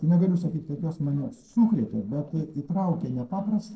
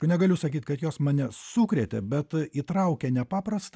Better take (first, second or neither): second